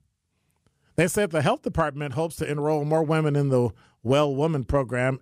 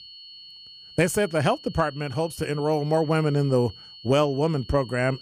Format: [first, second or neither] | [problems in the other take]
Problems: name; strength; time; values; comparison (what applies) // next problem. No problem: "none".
first | high-pitched whine; noticeable; throughout; 4.5 kHz, 20 dB below the speech